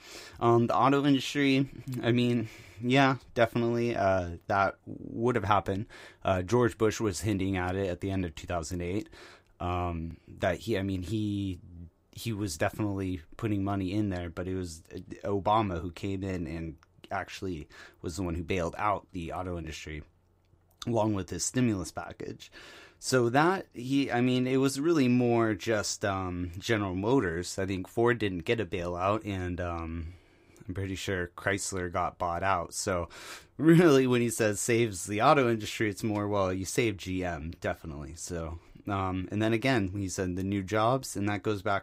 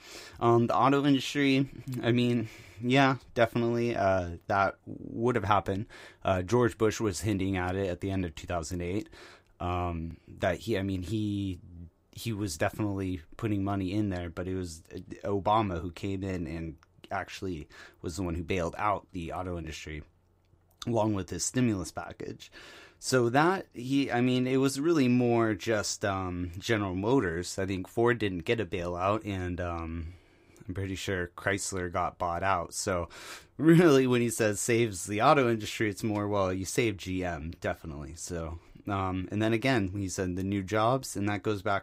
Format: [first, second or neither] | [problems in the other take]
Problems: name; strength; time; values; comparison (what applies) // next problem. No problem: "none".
neither | none